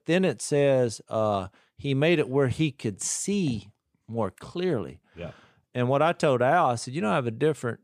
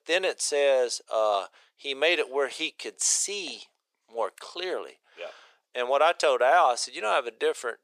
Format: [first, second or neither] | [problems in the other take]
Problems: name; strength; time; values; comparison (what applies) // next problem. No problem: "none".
first | thin; very; fading below 450 Hz